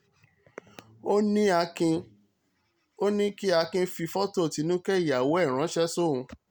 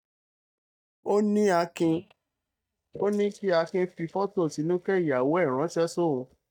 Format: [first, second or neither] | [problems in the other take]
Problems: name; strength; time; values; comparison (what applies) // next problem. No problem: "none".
first | noise reduction (neural mask model DeepFilterNet 3)